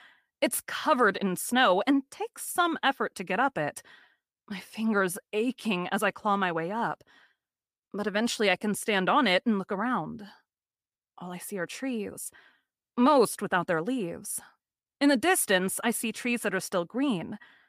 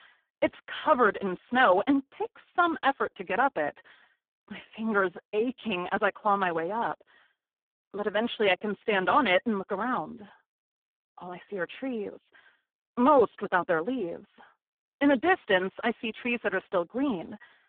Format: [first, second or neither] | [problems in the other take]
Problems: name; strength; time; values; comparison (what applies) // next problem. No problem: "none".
first | phone-call audio; poor line